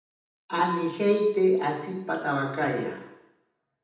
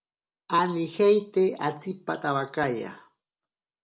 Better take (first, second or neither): second